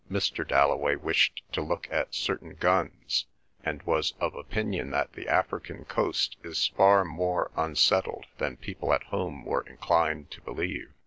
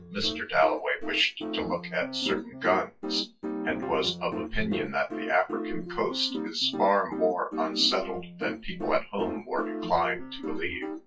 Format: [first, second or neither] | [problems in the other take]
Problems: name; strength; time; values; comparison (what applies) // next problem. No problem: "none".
first | noise reduction (classical method WPE with log-MMSE)